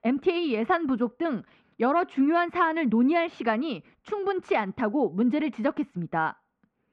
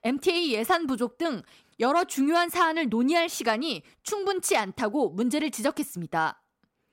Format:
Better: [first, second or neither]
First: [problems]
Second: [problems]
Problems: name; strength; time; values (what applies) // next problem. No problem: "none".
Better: second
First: muffled; very; fading above 2.5 kHz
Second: none